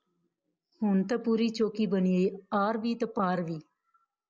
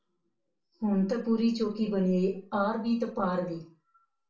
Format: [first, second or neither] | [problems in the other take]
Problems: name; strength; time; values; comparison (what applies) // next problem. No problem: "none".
first | room echo; dies away in 0.3 s